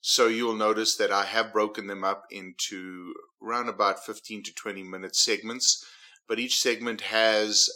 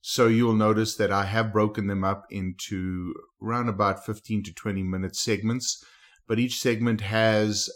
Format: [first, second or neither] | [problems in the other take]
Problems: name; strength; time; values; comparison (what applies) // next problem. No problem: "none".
second | thin; somewhat; fading below 350 Hz